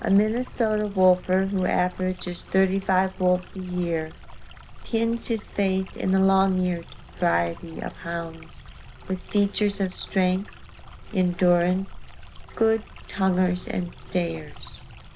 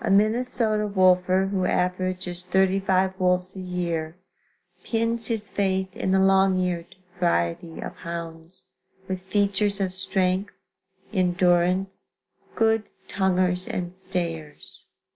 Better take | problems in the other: second | background sound (Stream); 16 dB below the speech

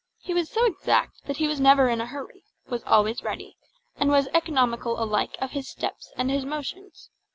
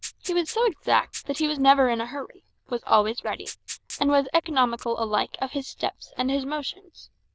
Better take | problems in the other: first | noise reduction (neural diffusion model UNIVERSE++)

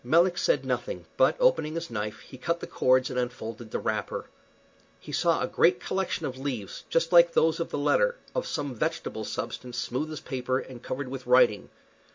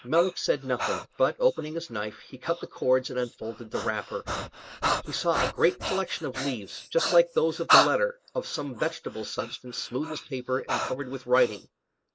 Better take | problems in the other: first | noise reduction (neural mask model Resemble Enhance denoiser)

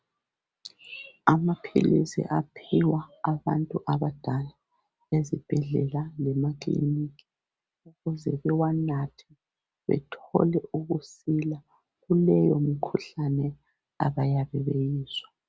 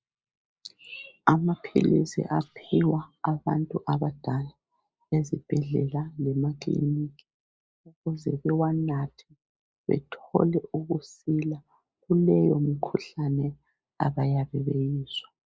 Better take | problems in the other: first | noise reduction (neural mask model Resemble Enhance denoiser)

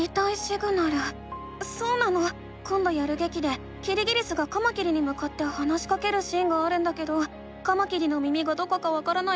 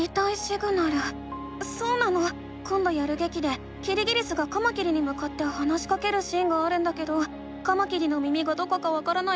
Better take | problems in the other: first | background sound (Wind instrument, woodwind instrument); 16 dB below the speech

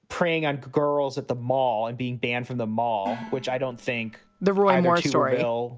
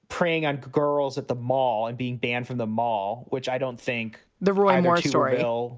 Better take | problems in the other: second | background sound (Gong); 17 dB below the speech

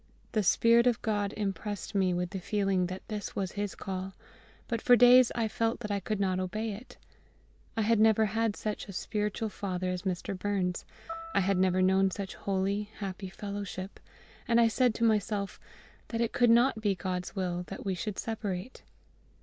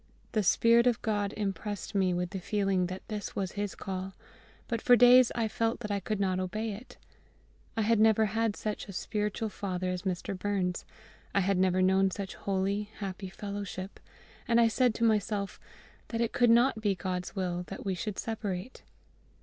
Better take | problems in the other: second | background sound (Piano); 17 dB below the speech

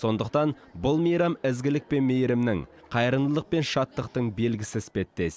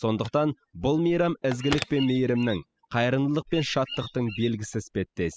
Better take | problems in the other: first | noise reduction (classical method spectral subtraction)

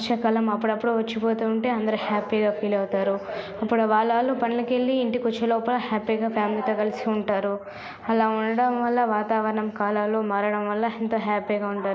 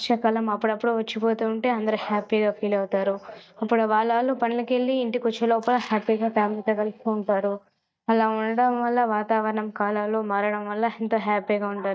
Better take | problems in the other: first | noise reduction (neural mask model DeepFilterNet 3)

